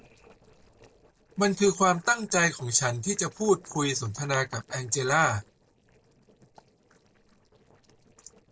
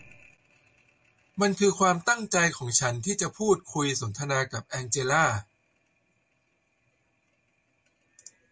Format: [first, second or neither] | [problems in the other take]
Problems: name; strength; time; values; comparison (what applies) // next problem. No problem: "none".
second | noise reduction (neural separator model SepFormer DNS4)